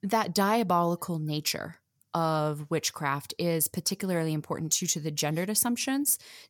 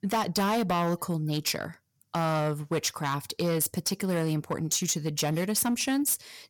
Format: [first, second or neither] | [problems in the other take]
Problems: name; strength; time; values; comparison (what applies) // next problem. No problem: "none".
first | distortion; slight; 10% of the sound clipped